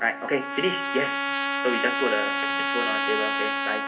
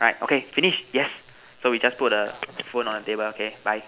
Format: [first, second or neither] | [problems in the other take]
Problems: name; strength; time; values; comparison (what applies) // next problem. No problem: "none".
second | background sound (Trumpet); 1 dB above the speech // room echo; dies away in 0.3 s